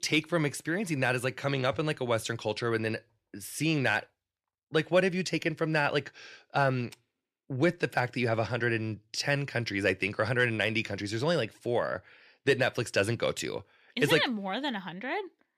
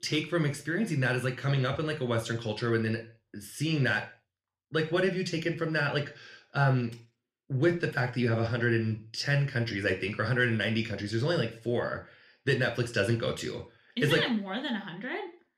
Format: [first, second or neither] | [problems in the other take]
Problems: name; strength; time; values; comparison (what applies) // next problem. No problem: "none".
first | room echo; very slight; dies away in 0.3 s